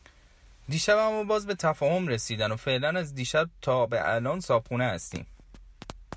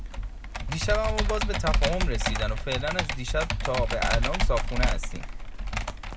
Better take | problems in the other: first | background sound (Computer keyboard); 5 dB above the speech

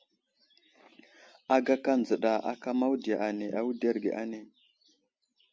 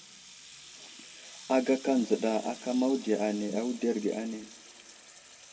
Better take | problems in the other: first | background sound (Sink (filling or washing) / Water tap, faucet); 18 dB below the speech // room echo; dies away in 1.1 s

